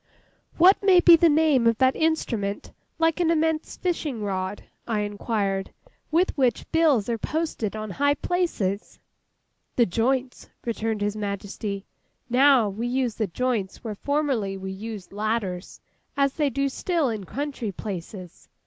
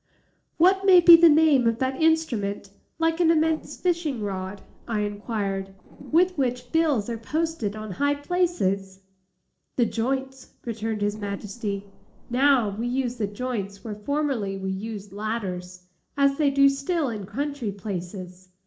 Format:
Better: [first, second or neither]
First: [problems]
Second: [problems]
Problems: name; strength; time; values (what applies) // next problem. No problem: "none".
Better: first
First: none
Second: noise reduction (neural separator model SepFormer DNS4)